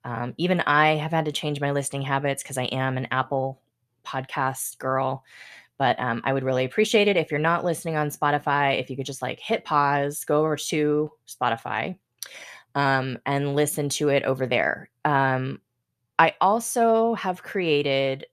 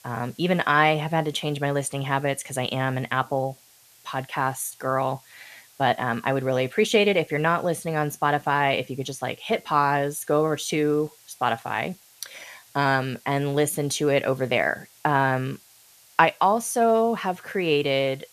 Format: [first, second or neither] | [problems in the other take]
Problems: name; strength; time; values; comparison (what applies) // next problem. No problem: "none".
first | hiss; faint; throughout; 25 dB below the speech